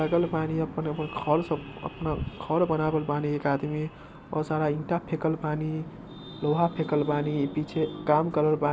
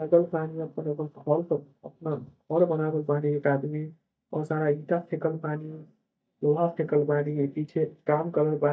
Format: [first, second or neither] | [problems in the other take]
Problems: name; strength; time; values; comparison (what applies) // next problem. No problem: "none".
first | noise reduction (neural mask model DeepFilterNet 3)